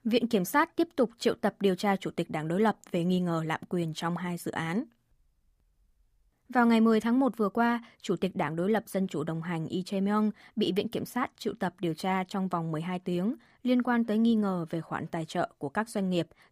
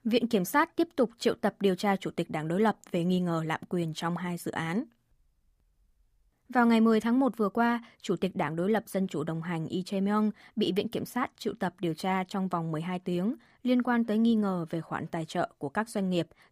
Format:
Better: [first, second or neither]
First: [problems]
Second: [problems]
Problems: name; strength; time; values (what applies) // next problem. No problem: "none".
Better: neither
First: none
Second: none